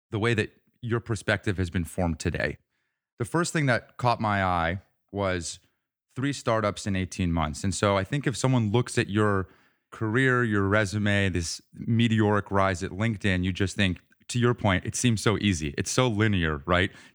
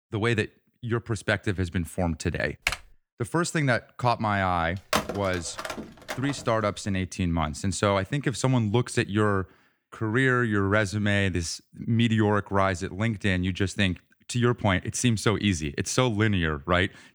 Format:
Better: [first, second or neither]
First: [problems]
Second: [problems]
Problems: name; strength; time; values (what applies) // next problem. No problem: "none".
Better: first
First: none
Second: keyboard typing; noticeable; at 2.5 s; peak 3 dB below the speech // phone ringing; noticeable; from 5 to 6.5 s; peak 2 dB below the speech